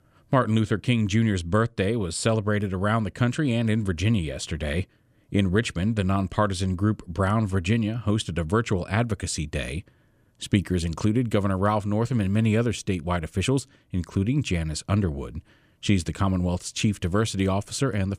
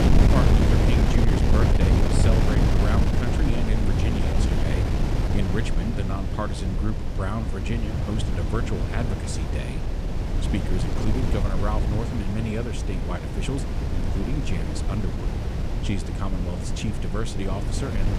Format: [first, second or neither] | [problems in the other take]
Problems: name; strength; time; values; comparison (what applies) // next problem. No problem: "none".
first | wind noise on the microphone; heavy; 1 dB above the speech